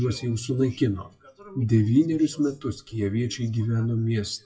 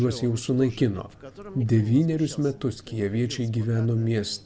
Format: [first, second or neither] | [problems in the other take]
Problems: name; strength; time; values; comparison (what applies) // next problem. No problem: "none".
second | noise reduction (classical method WPE with log-MMSE)